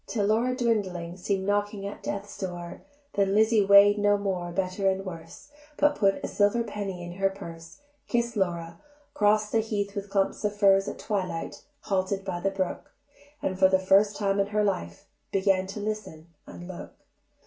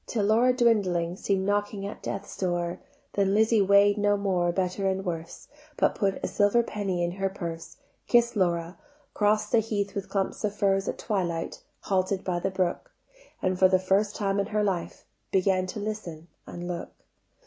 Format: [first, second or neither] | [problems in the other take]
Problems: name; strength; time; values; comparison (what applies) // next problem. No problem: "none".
second | room echo; dies away in 0.2 s